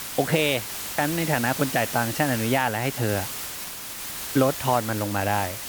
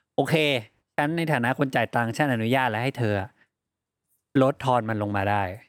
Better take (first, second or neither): second